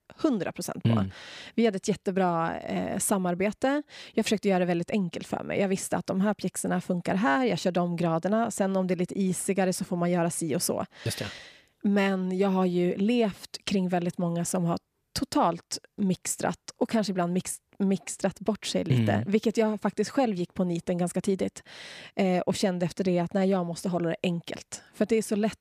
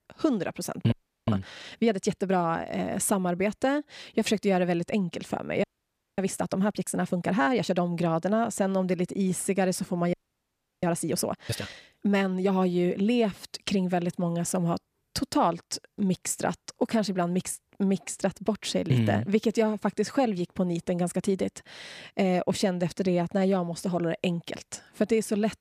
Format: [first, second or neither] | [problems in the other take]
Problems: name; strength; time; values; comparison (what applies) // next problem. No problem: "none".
first | audio freezing; at 1 s, at 5.5 s for 0.5 s and at 10 s for 0.5 s